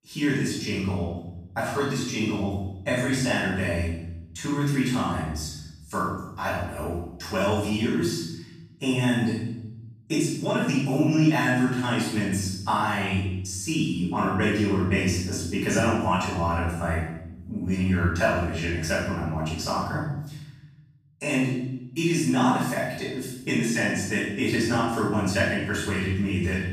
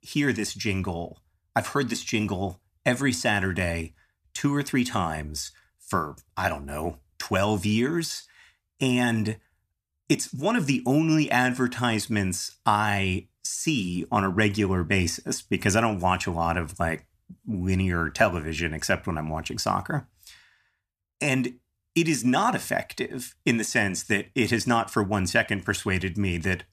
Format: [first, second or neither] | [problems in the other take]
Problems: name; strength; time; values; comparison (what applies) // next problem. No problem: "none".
second | room echo; strong; dies away in 0.9 s // off-mic speech; far